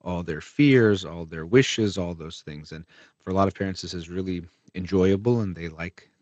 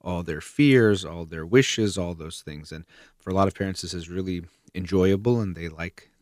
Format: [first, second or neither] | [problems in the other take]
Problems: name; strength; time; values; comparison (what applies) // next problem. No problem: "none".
second | garbled, watery; slightly; nothing above 7.5 kHz